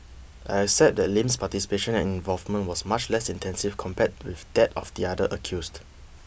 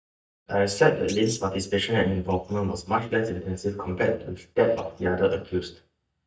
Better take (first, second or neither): first